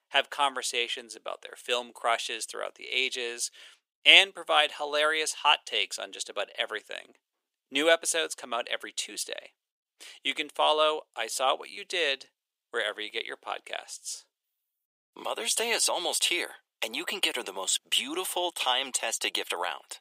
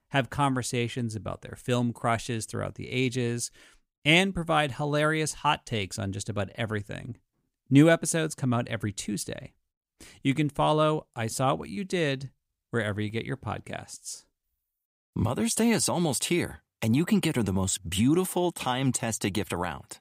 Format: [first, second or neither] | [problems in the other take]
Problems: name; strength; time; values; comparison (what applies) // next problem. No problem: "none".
second | thin; very; fading below 450 Hz